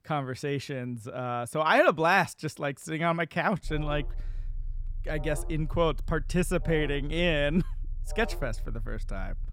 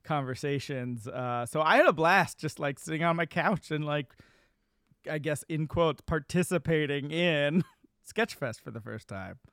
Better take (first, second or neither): second